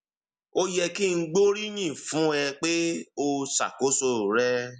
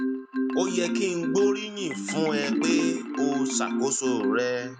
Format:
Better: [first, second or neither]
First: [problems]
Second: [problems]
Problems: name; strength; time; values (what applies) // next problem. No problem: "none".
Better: first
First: none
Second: background sound (Marimba, xylophone); as loud as the speech